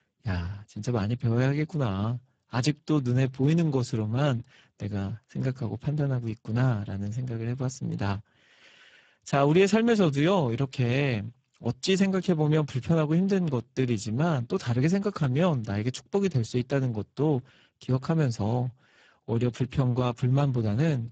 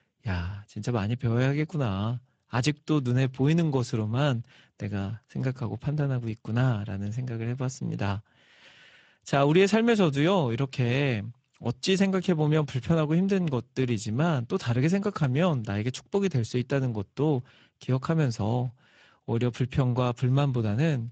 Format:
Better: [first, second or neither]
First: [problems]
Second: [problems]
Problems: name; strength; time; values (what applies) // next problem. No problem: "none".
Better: second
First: garbled, watery; badly; nothing above 7.5 kHz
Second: garbled, watery; slightly; nothing above 8 kHz